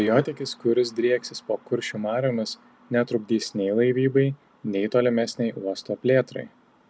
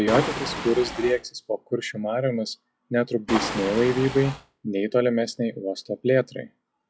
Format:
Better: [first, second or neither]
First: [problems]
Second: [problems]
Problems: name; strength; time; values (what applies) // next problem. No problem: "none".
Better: first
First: none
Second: noise reduction (classical method log-MMSE)